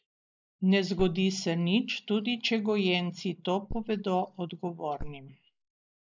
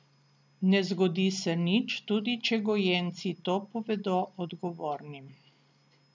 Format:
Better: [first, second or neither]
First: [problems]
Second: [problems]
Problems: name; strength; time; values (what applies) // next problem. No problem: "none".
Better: second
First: noise reduction (neural mask model Resemble Enhance denoiser)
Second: none